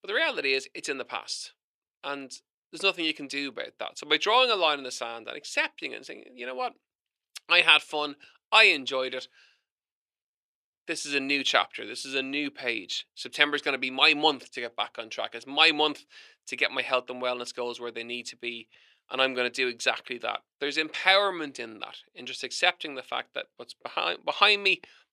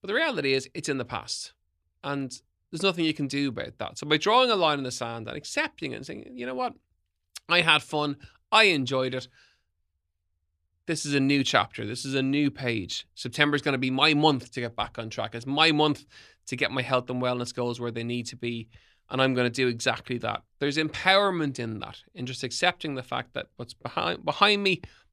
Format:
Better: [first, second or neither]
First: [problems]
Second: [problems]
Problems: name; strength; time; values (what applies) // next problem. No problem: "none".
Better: second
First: thin; somewhat; fading below 450 Hz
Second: none